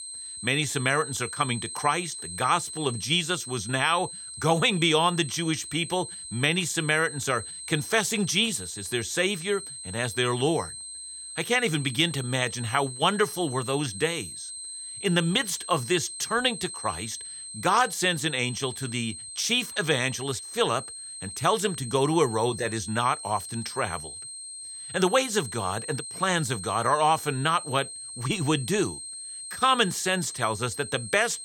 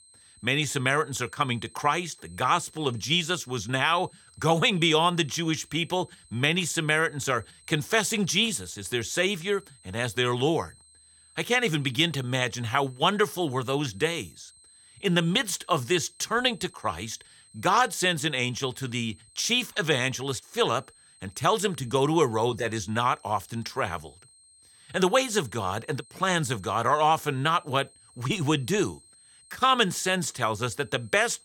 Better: second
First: high-pitched whine; loud; throughout; 8.5 kHz, 10 dB below the speech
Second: high-pitched whine; faint; throughout; 8.5 kHz, 25 dB below the speech

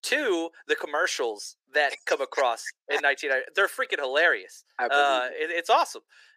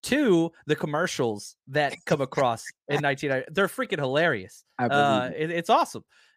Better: second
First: thin; very; fading below 400 Hz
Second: none

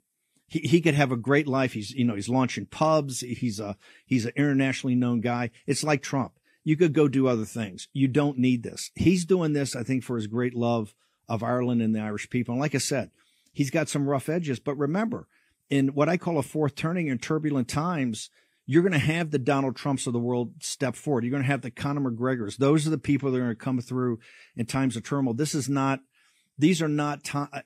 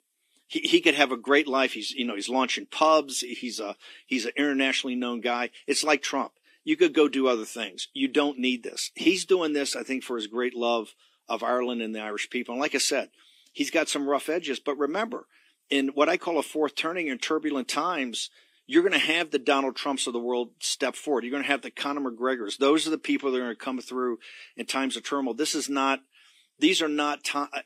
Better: first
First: none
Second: thin; somewhat; fading below 300 Hz

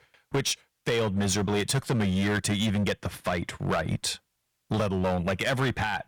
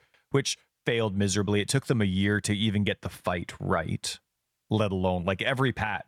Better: second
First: distortion; heavy; 13% of the sound clipped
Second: none

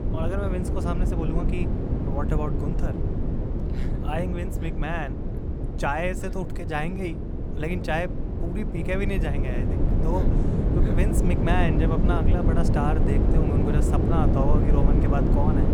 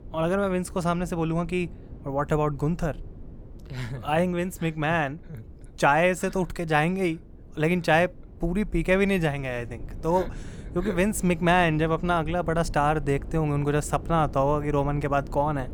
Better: second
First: low rumble; loud; throughout; 2 dB below the speech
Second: low rumble; faint; throughout; 25 dB below the speech

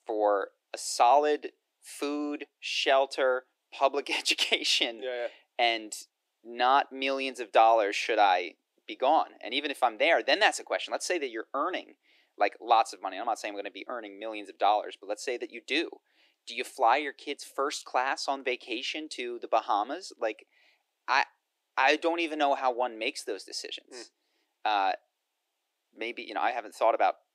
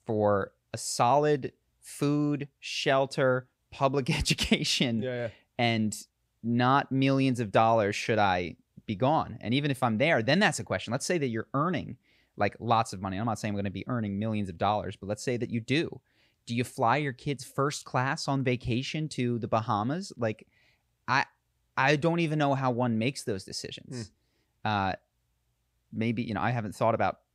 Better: second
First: thin; very; fading below 300 Hz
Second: none

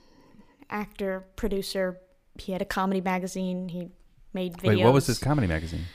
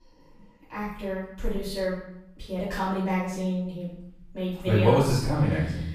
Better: first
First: none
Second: off-mic speech; far // room echo; noticeable; dies away in 0.7 s

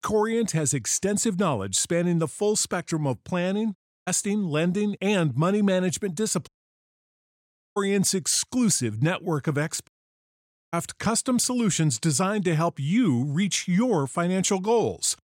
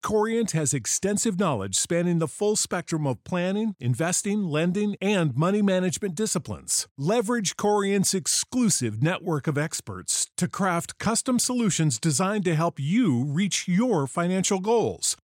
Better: second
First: audio cutting out; at 4 s, at 6.5 s for 1.5 s and at 10 s for 1 s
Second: none

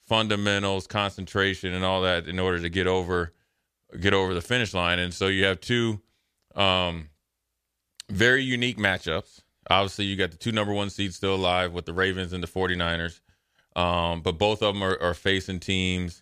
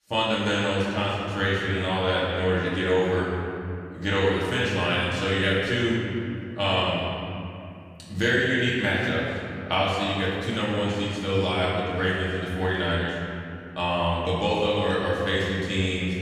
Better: first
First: none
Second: off-mic speech; far // room echo; strong; dies away in 2.7 s

